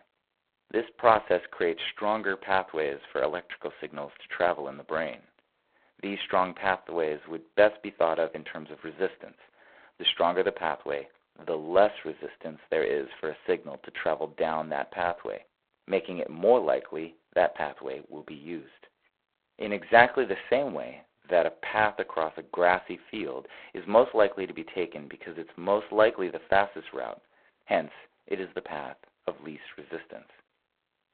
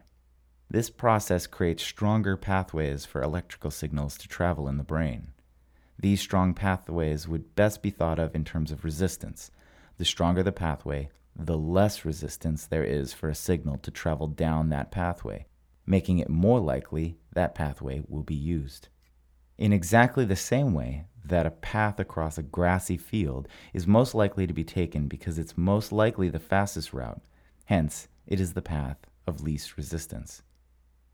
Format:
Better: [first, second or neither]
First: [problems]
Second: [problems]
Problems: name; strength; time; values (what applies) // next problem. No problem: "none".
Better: second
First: phone-call audio; poor line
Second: none